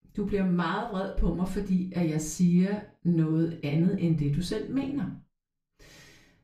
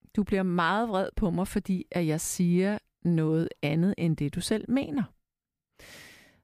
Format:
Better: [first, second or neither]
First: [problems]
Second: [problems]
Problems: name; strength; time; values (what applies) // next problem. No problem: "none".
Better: second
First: room echo; slight; dies away in 0.3 s // off-mic speech; far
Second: none